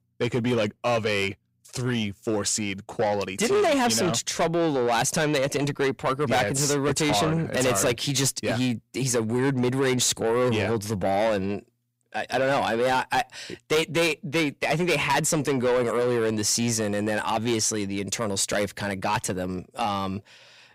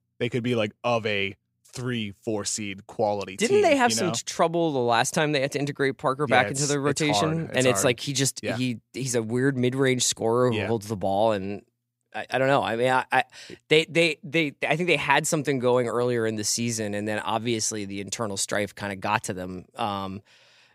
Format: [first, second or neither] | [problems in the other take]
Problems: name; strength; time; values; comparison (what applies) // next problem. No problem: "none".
second | distortion; heavy; 7 dB below the speech